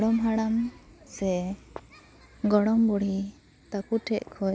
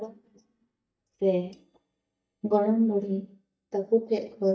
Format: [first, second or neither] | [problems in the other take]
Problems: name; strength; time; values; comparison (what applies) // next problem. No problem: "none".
first | noise reduction (neural mask model DeepFilterNet 3)